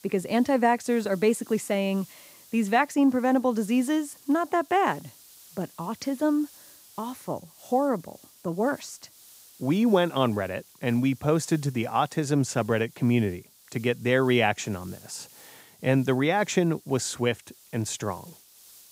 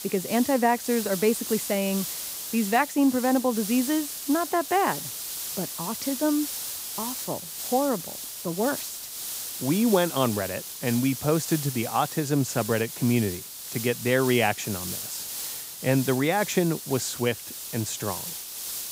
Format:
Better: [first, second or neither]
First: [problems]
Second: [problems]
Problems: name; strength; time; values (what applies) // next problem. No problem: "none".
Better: first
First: hiss; faint; throughout; 25 dB below the speech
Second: hiss; loud; throughout; 6 dB below the speech